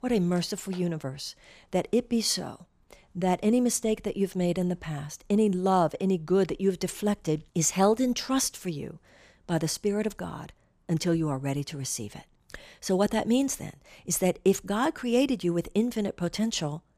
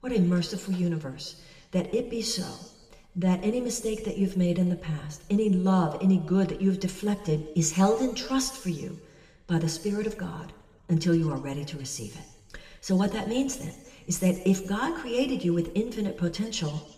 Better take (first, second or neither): first